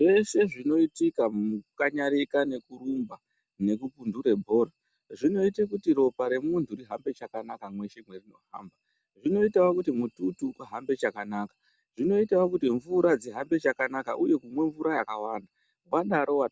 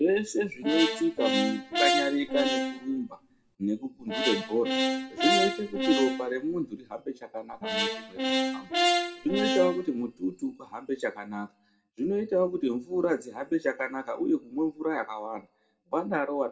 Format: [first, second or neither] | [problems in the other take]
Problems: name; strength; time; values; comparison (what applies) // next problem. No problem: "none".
first | background sound (Brass instrument); 1 dB above the speech // room echo; dies away in 0.3 s